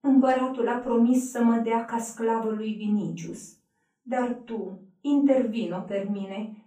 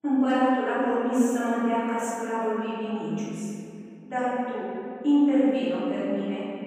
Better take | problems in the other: first | room echo; strong; dies away in 2.6 s; slight in the first // off-mic speech; far; far in the first

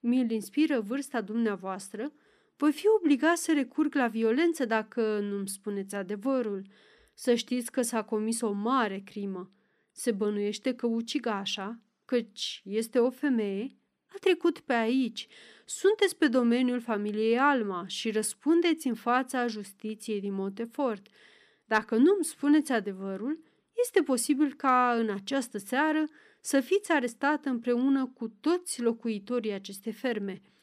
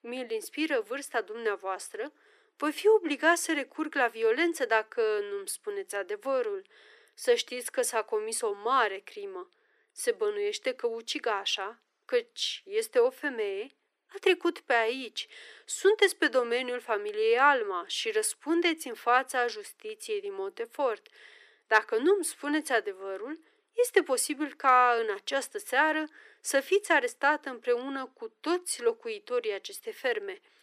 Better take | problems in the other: first | thin; very; fading below 350 Hz

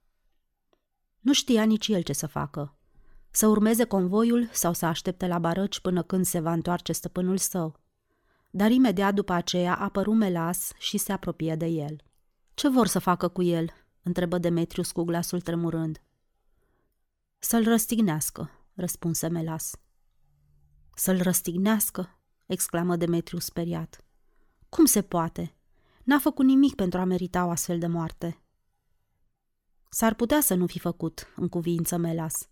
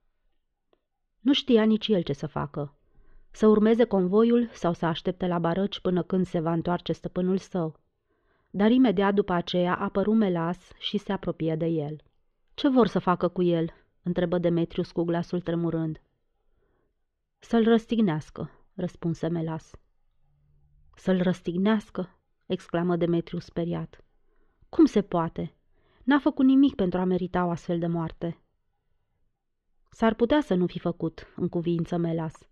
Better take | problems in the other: first | muffled; very; fading above 3.5 kHz

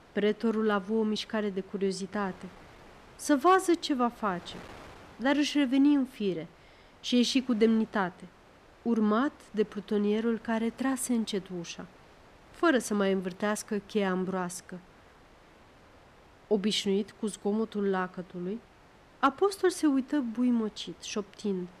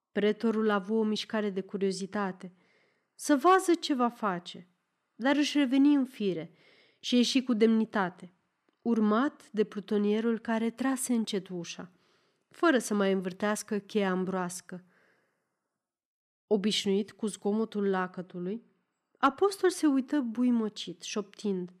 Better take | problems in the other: second | wind noise on the microphone; occasional gusts; 25 dB below the speech

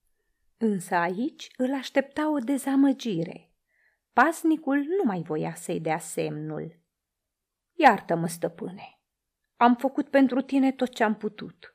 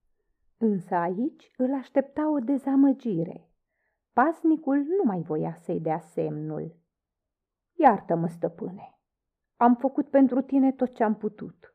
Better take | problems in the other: first | muffled; very; fading above 2 kHz

